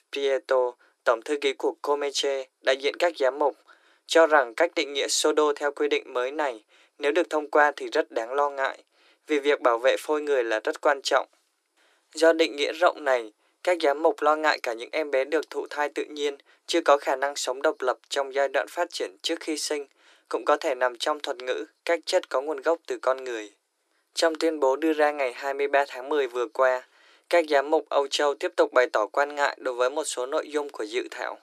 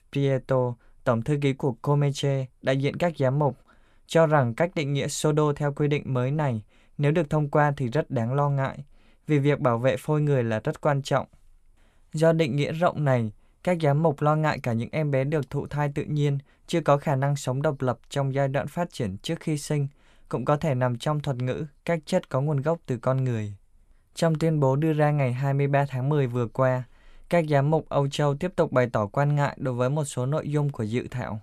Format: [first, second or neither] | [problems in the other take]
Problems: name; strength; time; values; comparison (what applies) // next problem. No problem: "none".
second | thin; very; fading below 300 Hz